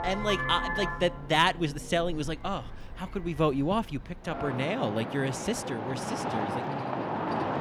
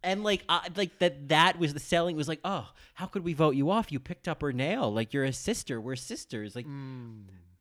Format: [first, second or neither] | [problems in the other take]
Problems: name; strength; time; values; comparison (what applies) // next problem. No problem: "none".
second | traffic noise; loud; throughout; 5 dB below the speech